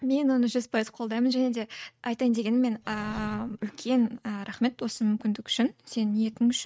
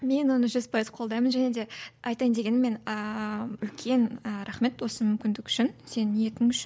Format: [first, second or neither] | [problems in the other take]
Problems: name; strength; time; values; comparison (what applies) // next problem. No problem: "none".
second | noise reduction (neural mask model RNNoise)